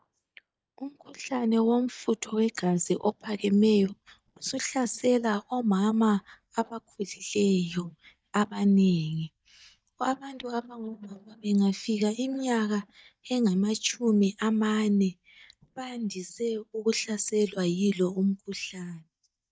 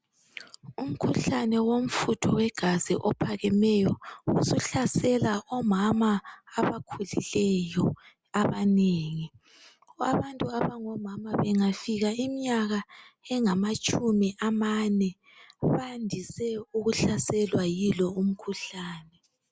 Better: second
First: noise reduction (neural mask model DeepFilterNet 3)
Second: none

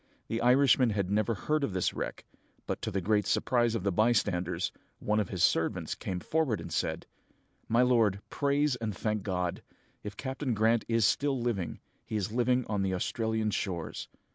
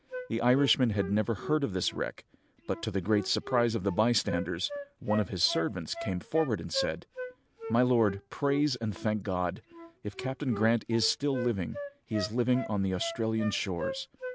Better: first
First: none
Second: background sound (Wind instrument, woodwind instrument); 12 dB below the speech

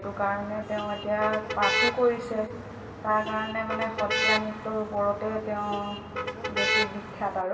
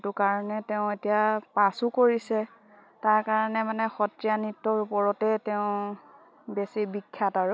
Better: second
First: background sound (Motor vehicle (road)); 2 dB below the speech // room echo; dies away in 2.4 s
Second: none

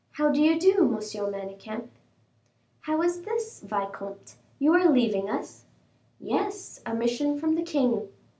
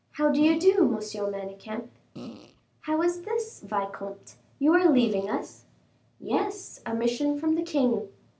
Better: first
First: none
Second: background sound (Fart); 14 dB below the speech

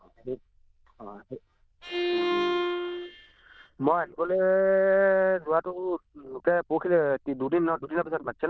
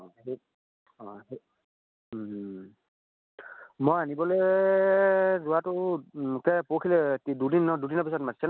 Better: second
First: noise reduction (neural diffusion model UNIVERSE++)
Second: none

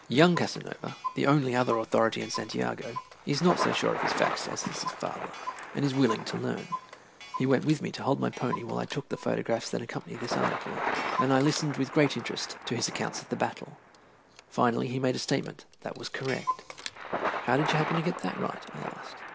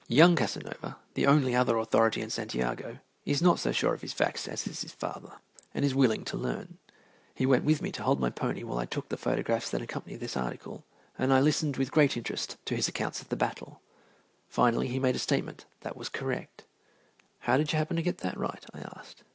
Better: second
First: background sound (Clock + Thunder); 7 dB below the speech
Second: none

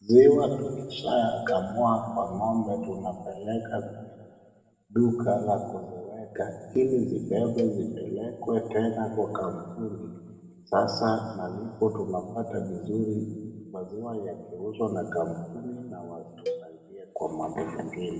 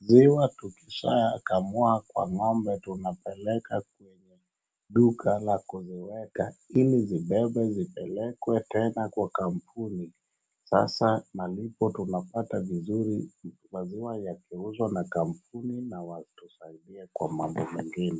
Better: second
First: background sound (Cowbell); 12 dB below the speech // room echo; dies away in 1.4 s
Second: none

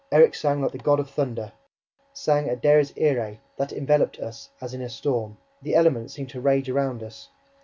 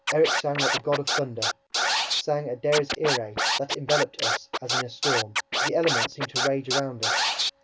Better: first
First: none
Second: background sound (Scratching (performance technique)); 1 dB above the speech

